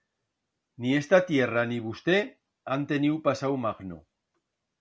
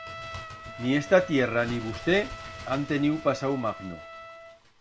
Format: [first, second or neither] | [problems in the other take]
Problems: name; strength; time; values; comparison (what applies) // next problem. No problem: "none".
first | background sound (Trumpet + Bird); 13 dB below the speech